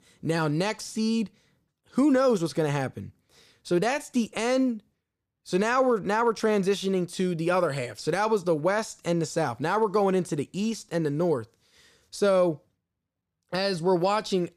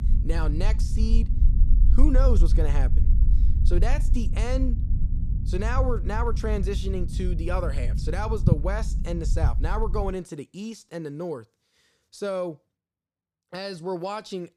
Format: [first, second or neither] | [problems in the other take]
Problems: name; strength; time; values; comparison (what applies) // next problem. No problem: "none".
first | low rumble; noticeable; until 10 s; 10 dB below the speech